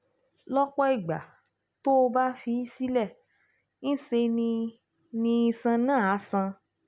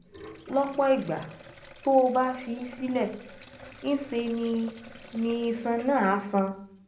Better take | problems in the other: first | background sound (Sink (filling or washing)); 20 dB below the speech // room echo; dies away in 0.5 s

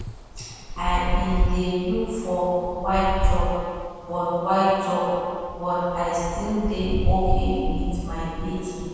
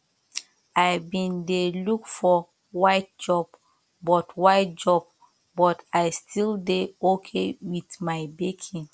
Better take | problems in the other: second | background sound (Wind); 1 dB below the speech // room echo; dies away in 2.1 s

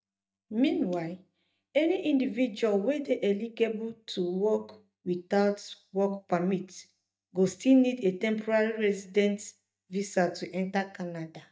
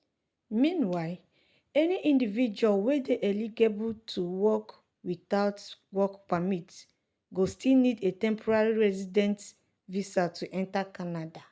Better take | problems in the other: second | noise reduction (neural mask model DeepFilterNet 3)

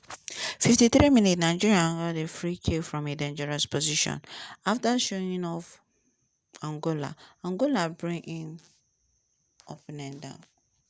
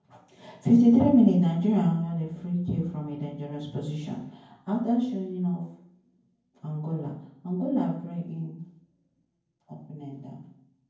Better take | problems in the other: first | room echo; dies away in 0.9 s

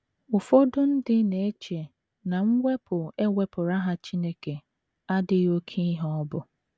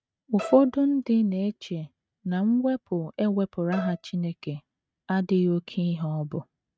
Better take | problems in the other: first | noise reduction (neural mask model RNNoise)

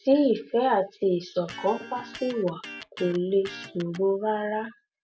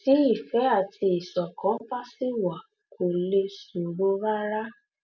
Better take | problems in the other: second | background sound (Electric guitar); 16 dB below the speech

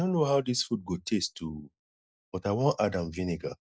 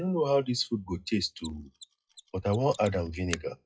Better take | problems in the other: first | noise reduction (classical method WPE with log-MMSE)

